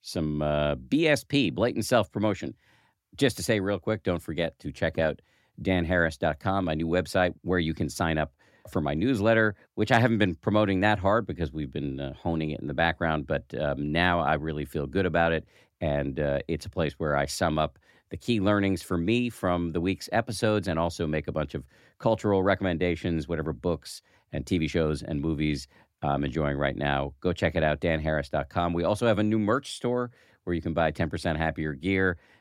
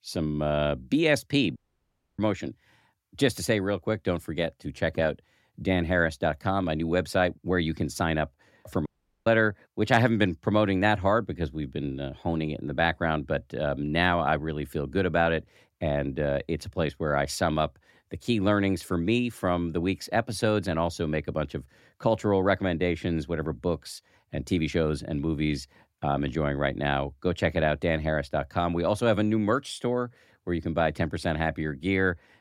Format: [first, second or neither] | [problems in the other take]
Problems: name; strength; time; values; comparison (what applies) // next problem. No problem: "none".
first | audio cutting out; at 1.5 s for 0.5 s and at 9 s